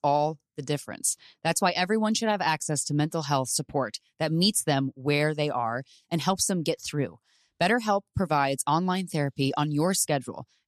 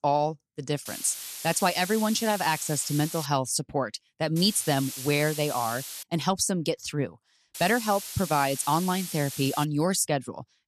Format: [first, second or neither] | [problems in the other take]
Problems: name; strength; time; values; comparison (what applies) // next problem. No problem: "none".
first | hiss; loud; from 1 to 3.5 s, from 4.5 to 6 s and from 7.5 to 9.5 s; 9 dB below the speech